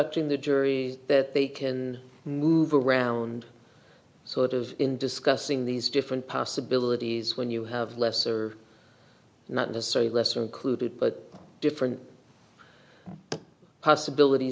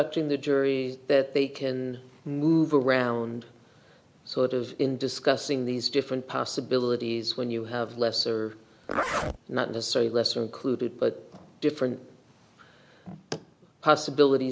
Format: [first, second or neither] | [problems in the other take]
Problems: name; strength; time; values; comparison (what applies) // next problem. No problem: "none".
first | background sound (Zipper (clothing)); 6 dB below the speech